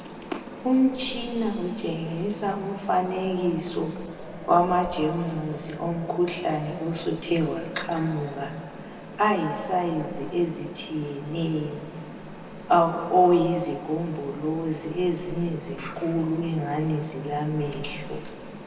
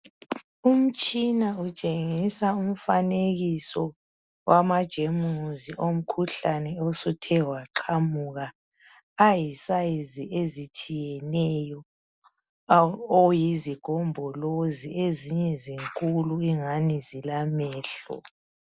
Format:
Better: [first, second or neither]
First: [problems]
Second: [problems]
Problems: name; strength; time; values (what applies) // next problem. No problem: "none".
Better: second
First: background sound (Mechanisms); 13 dB below the speech // room echo; dies away in 1.9 s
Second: none